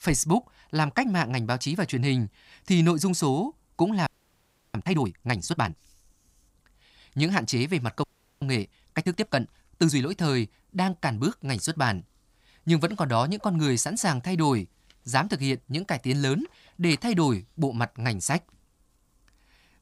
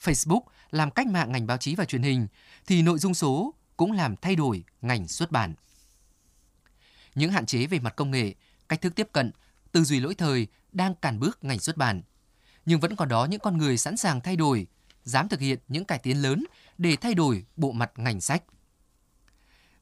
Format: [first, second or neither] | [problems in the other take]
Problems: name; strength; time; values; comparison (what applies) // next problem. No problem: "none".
second | audio freezing; at 4 s for 0.5 s and at 8 s